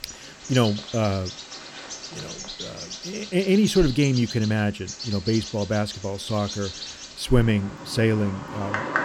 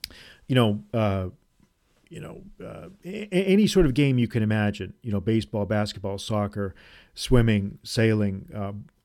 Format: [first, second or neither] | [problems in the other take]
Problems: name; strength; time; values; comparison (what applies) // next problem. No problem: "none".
second | animal sounds; noticeable; throughout; 10 dB below the speech